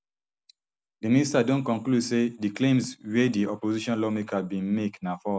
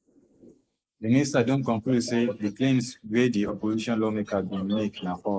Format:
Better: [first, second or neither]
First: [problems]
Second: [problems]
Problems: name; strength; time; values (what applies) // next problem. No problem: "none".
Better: first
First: none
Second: noise reduction (neural mask model Resemble Enhance denoiser)